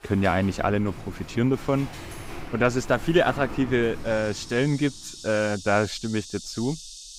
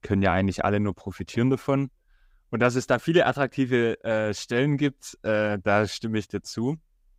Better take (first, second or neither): second